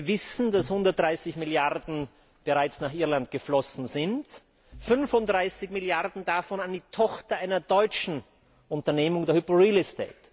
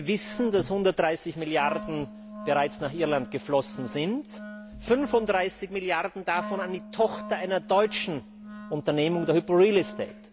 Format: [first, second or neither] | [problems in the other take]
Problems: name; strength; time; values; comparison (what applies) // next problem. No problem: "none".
first | background sound (Wind instrument, woodwind instrument); 15 dB below the speech